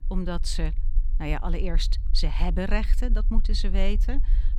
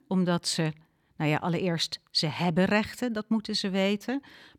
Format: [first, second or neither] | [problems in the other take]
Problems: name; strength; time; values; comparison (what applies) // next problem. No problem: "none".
second | low rumble; noticeable; throughout; 20 dB below the speech